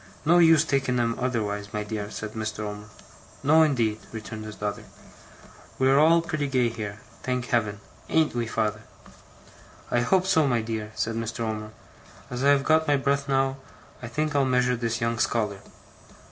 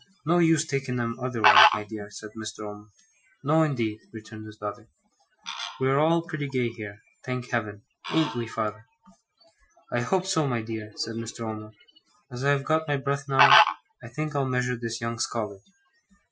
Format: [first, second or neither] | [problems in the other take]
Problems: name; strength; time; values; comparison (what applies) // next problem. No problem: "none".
first | noise reduction (classical method Wiener filter)